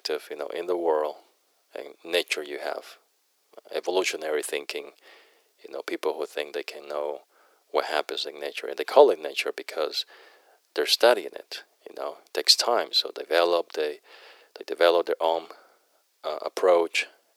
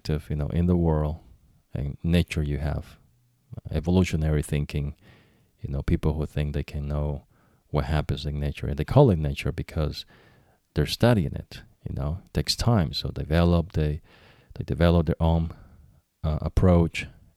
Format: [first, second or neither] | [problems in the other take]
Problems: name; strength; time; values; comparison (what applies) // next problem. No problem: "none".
second | thin; very; fading below 400 Hz